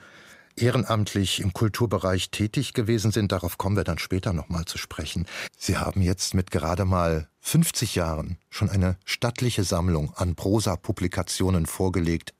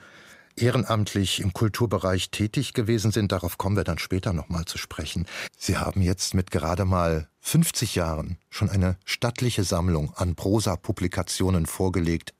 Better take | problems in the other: neither | none

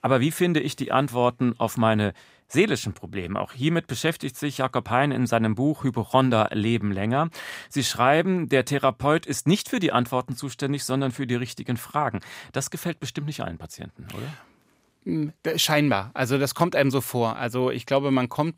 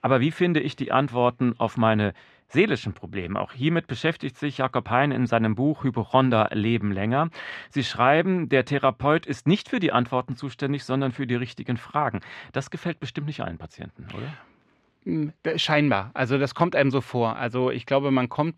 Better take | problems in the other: first | muffled; slightly; fading above 3 kHz

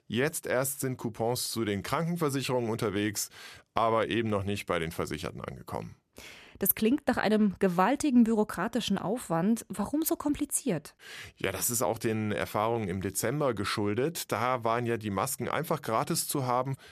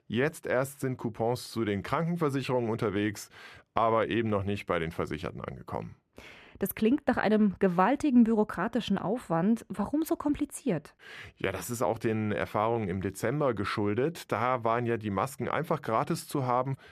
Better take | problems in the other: first | muffled; slightly; fading above 3.5 kHz

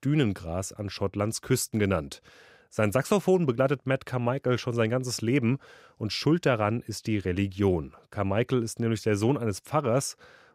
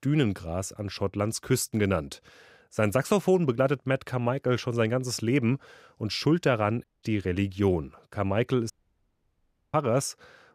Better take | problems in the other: first | audio cutting out; at 7 s and at 8.5 s for 1 s

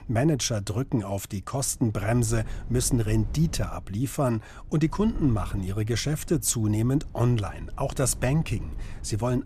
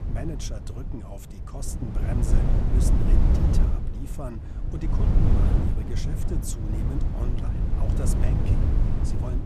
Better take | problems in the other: first | wind noise on the microphone; heavy; 4 dB above the speech; occasional gusts in the first

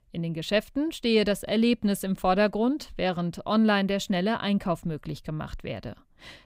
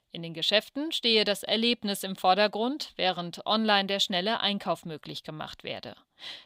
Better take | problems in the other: first | thin; very slightly; fading below 850 Hz

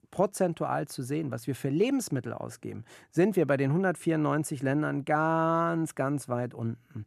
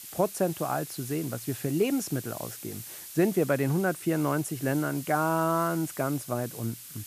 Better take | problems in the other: first | hiss; noticeable; throughout; 10 dB below the speech

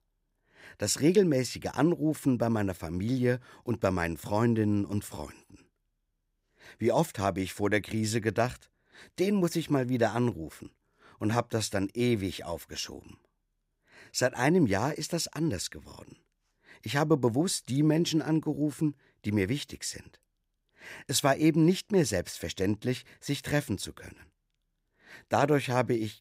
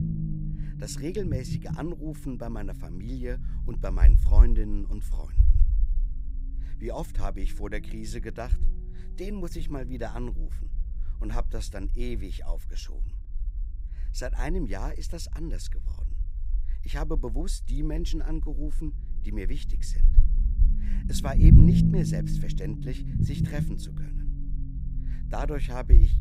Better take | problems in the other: first | low rumble; loud; throughout; as loud as the speech

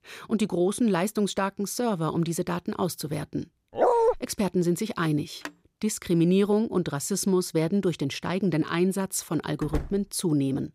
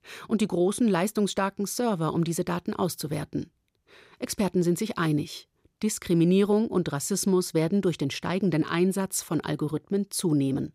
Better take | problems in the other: second | dog barking; loud; at 4 s; peak 5 dB above the speech // phone ringing; faint; at 5.5 s; peak 15 dB below the speech // door banging; noticeable; at 9.5 s; peak 9 dB below the speech

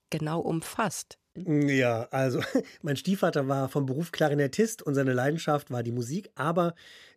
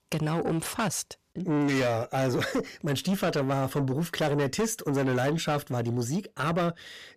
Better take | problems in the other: first | distortion; heavy; 7 dB below the speech

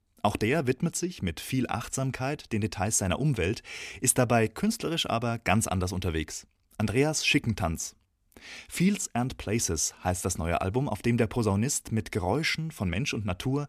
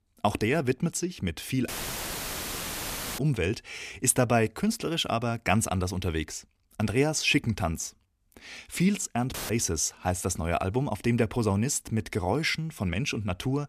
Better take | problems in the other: first | audio cutting out; filled with static; at 1.5 s for 1.5 s and at 9.5 s

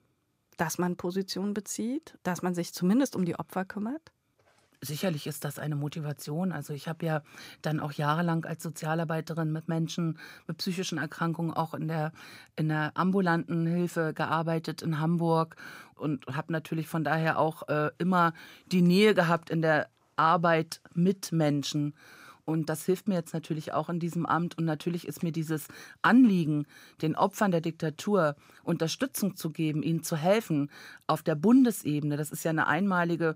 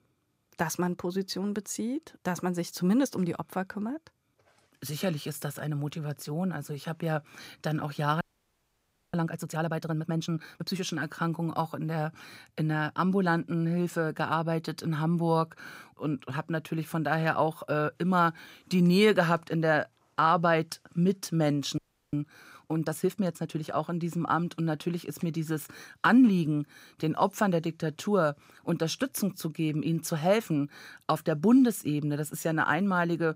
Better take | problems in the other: first | audio freezing; at 8 s for 1 s and at 22 s

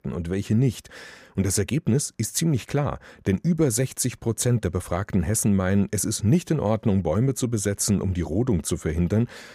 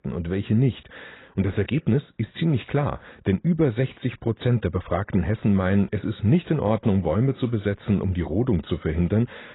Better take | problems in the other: first | garbled, watery; badly; nothing above 4 kHz

